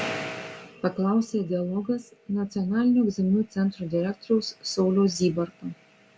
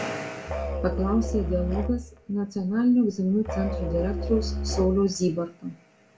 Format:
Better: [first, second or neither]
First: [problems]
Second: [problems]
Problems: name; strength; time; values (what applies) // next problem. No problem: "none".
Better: first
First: none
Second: background sound (Musical instrument); 4 dB below the speech // room echo; dies away in 0.2 s